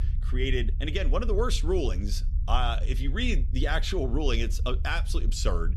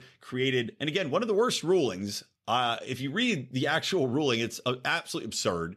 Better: second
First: low rumble; noticeable; throughout; 20 dB below the speech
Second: none

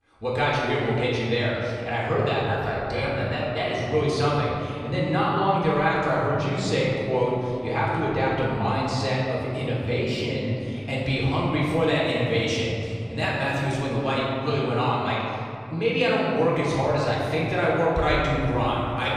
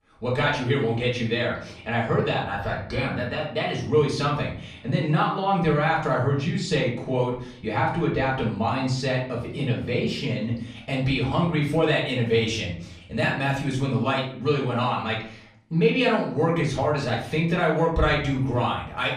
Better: second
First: room echo; strong; dies away in 2.5 s // off-mic speech; far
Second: room echo; slight; dies away in 0.5 s // off-mic speech; far

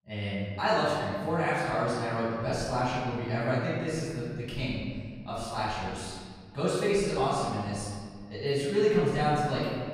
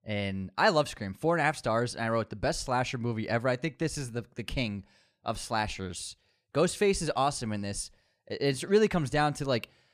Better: second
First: off-mic speech; far // room echo; strong; dies away in 1.8 s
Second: none

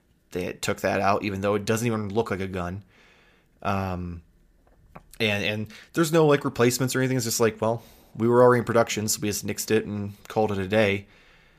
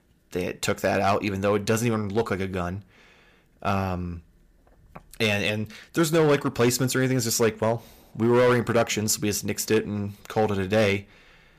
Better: first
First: none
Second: distortion; slight; 4% of the sound clipped

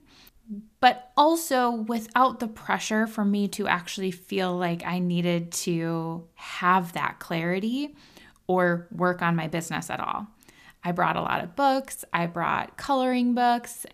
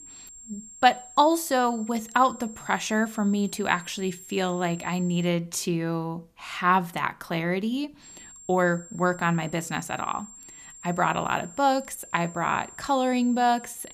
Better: first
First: none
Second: high-pitched whine; noticeable; until 5.5 s and from 8 s on; 7.5 kHz, 20 dB below the speech

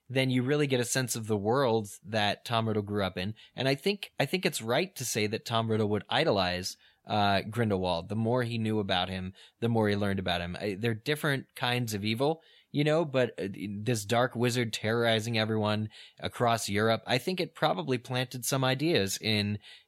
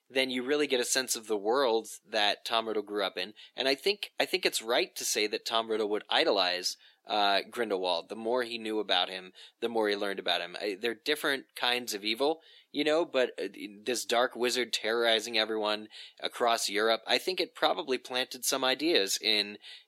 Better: first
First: none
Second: thin; somewhat; fading below 300 Hz

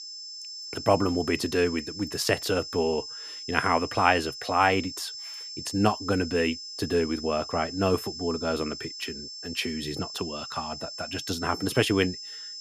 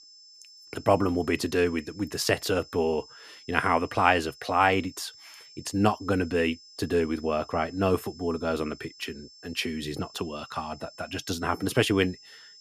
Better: second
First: high-pitched whine; loud; throughout; 5 kHz, 9 dB below the speech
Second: high-pitched whine; faint; throughout; 5 kHz, 20 dB below the speech

